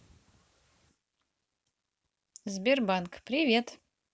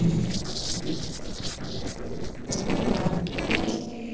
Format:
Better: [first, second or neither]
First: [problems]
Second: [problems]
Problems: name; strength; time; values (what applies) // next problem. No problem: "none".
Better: first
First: none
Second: noise reduction (neural separator model SepFormer DNS4)